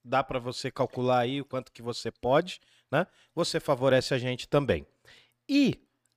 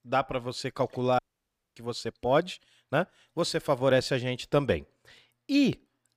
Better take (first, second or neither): first